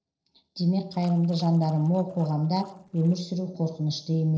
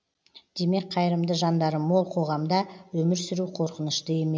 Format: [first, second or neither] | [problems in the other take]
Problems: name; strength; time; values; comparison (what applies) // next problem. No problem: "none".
second | noise reduction (neural separator model SepFormer DNS4)